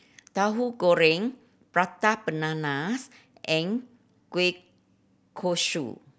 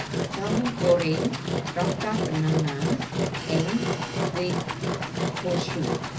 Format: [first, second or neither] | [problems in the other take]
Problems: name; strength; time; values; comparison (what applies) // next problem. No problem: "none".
first | background sound (Engine); 1 dB above the speech // room echo; dies away in 0.4 s